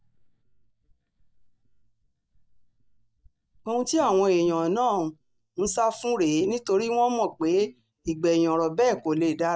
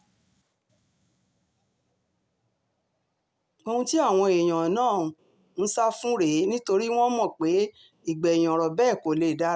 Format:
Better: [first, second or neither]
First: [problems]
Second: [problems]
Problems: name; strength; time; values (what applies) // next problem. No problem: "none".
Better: second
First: noise reduction (neural mask model DeepFilterNet 3)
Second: none